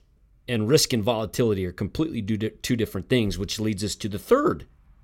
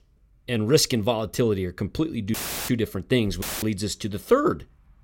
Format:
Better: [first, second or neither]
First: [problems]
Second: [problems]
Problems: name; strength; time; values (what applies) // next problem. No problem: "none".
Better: first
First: none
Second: audio cutting out; filled with static; at 2.5 s and at 3.5 s